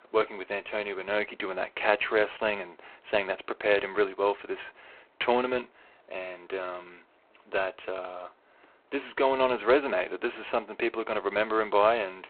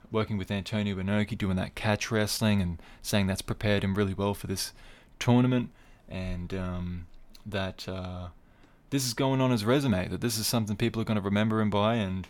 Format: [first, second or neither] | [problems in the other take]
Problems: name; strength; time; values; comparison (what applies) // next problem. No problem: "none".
second | phone-call audio; poor line; nothing above 3.5 kHz